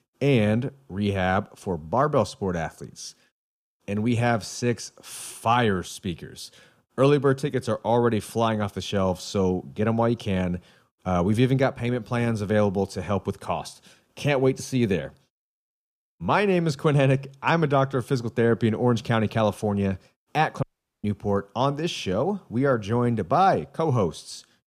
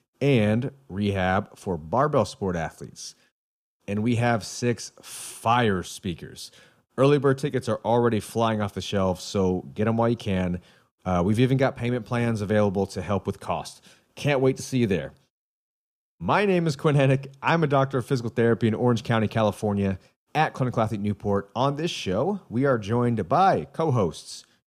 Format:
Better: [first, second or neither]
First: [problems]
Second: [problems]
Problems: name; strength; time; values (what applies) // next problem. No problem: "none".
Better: second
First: audio cutting out; at 21 s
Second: none